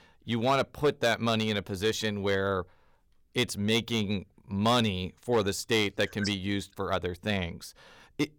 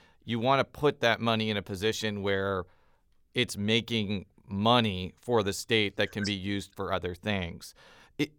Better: second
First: distortion; slight; 2% of the sound clipped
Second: none

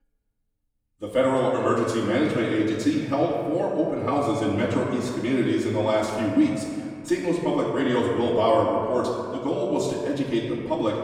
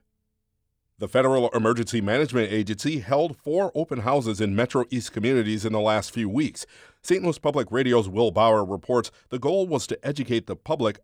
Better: second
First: off-mic speech; far // room echo; noticeable; dies away in 1.8 s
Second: none

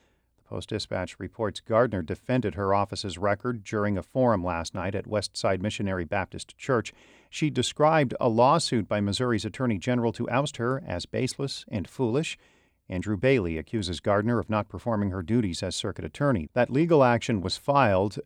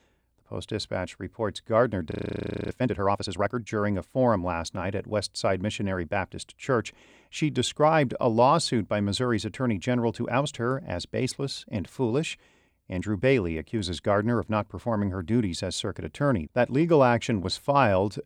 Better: first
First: none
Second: audio freezing; at 2 s for 0.5 s

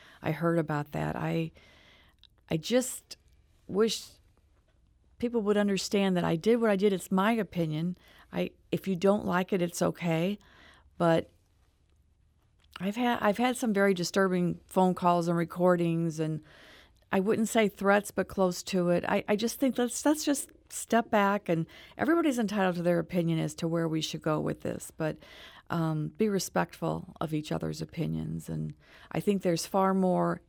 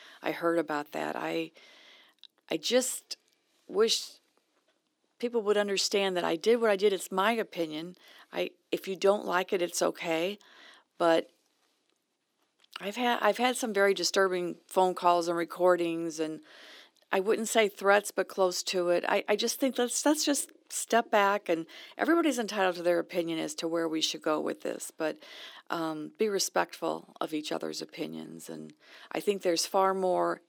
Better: first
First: none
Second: thin; somewhat; fading below 300 Hz

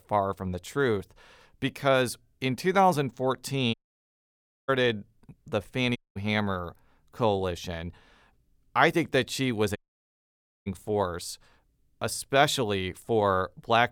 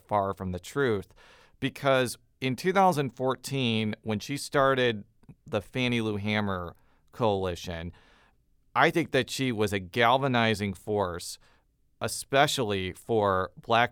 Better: second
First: audio cutting out; at 3.5 s for 1 s, at 6 s and at 10 s for 1 s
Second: none

